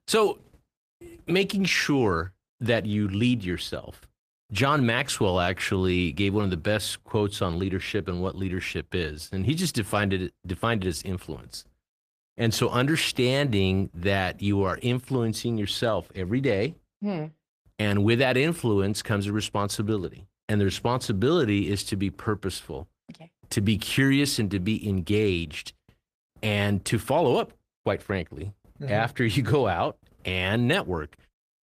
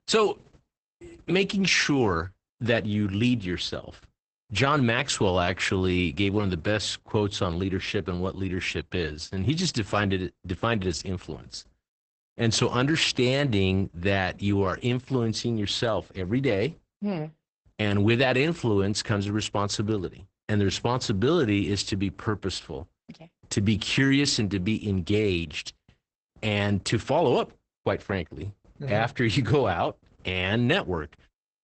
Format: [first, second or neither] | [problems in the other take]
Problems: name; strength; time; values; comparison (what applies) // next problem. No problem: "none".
first | garbled, watery; badly; nothing above 8 kHz; slightly in the first